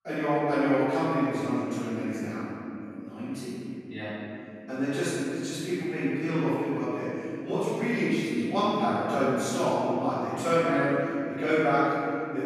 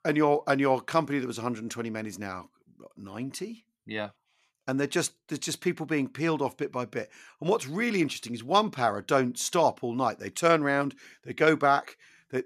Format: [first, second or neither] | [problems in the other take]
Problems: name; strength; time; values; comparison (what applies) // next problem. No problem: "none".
second | off-mic speech; far // room echo; strong; dies away in 3 s